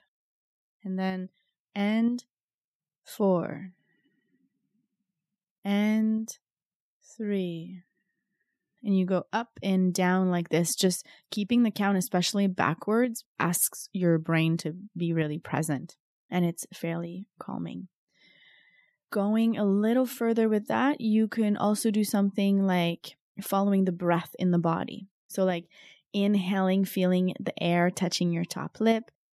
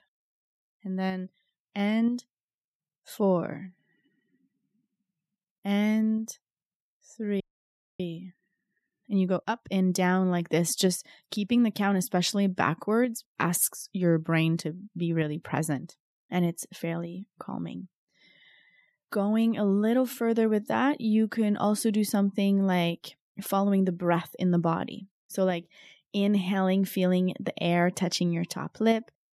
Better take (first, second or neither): first